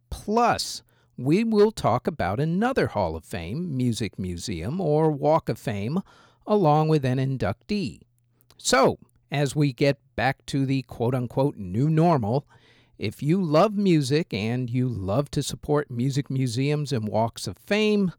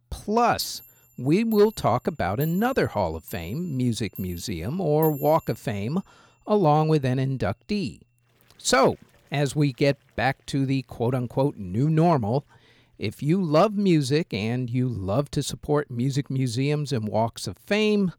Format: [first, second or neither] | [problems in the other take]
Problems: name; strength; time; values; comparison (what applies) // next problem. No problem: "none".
first | household noises; noticeable; throughout; 20 dB below the speech